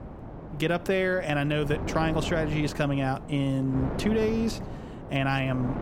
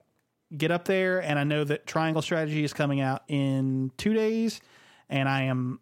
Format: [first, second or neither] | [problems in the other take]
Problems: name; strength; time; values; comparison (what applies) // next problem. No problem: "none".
second | wind noise on the microphone; occasional gusts; 10 dB below the speech